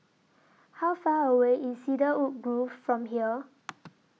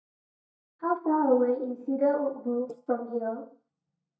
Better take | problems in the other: first | noise reduction (neural mask model DeepFilterNet 3)

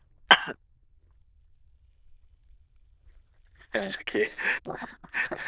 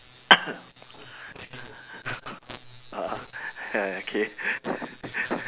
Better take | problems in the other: second | noise reduction (neural diffusion model UNIVERSE++)

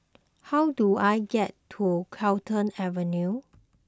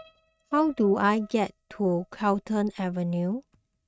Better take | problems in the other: first | noise reduction (neural mask model RNNoise)

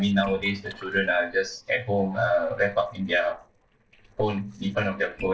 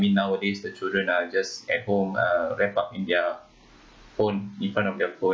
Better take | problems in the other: second | noise reduction (neural separator model SepFormer DNS4)

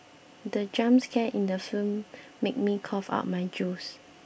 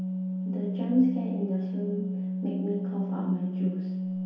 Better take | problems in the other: first | background sound (Organ); as loud as the speech // room echo; dies away in 0.8 s

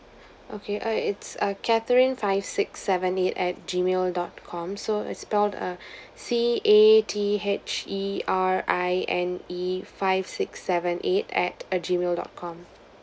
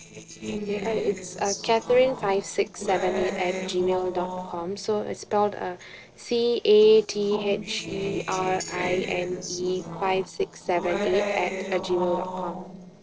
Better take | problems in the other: first | noise reduction (neural separator model SepFormer DNS4)

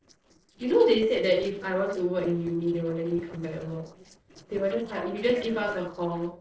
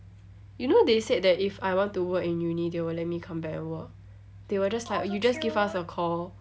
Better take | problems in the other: second | noise reduction (neural separator model SepFormer DNS4)

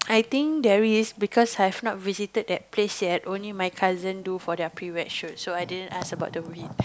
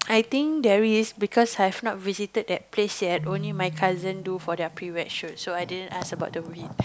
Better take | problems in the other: first | background sound (Keyboard (musical)); 15 dB below the speech

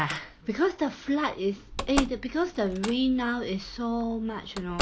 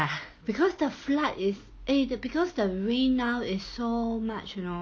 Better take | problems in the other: second | background sound (Slam); 9 dB below the speech

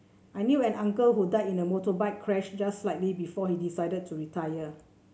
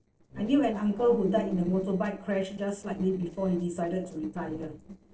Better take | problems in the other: first | noise reduction (neural separator model SepFormer DNS4)

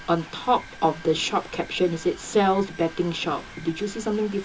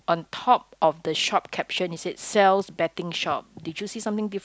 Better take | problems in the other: second | background sound (Mechanisms); 17 dB below the speech // room echo; dies away in 0.2 s

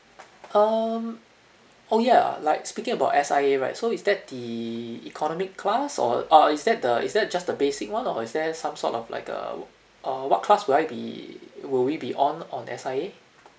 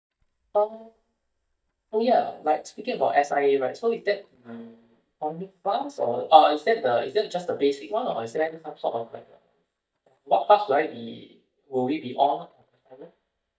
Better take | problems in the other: first | noise reduction (neural mask model DeepFilterNet 3)

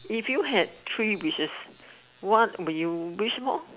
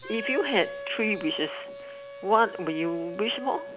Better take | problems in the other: first | background sound (Wind instrument, woodwind instrument); 11 dB below the speech

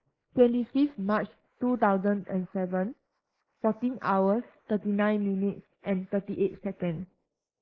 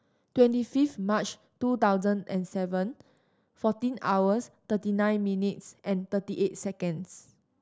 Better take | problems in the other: second | noise reduction (neural mask model Resemble Enhance denoiser)

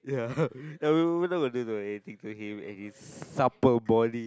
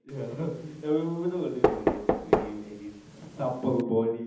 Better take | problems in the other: first | background sound (Knock); as loud as the speech // room echo; dies away in 0.8 s

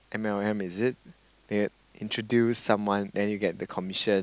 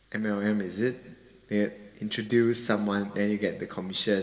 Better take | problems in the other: first | room echo; dies away in 1.4 s

